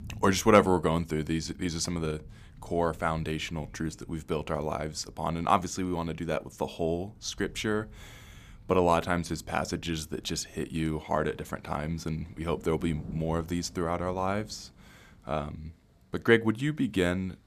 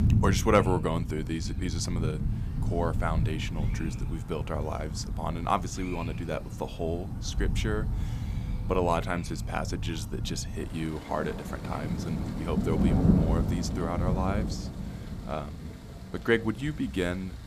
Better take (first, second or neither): first